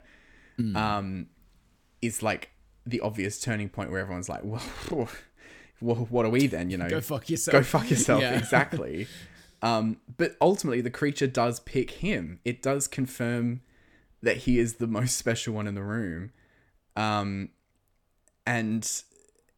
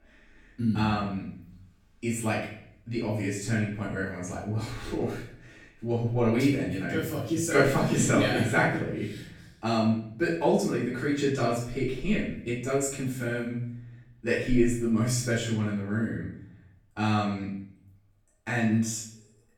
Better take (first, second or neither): first